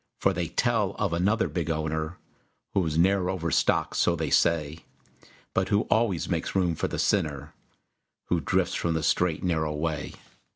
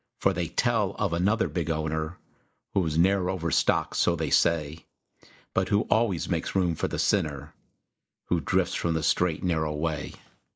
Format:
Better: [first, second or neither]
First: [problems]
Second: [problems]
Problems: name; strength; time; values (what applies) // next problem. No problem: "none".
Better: first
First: none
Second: noise reduction (neural mask model Resemble Enhance denoiser)